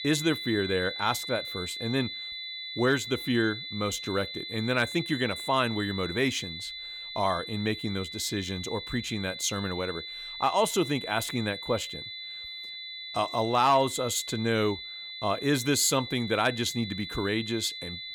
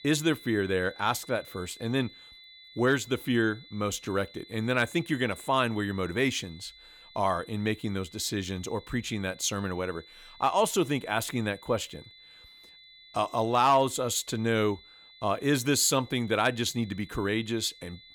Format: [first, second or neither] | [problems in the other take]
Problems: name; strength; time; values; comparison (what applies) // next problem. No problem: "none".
second | high-pitched whine; loud; throughout; 4 kHz, 8 dB below the speech; faint in the second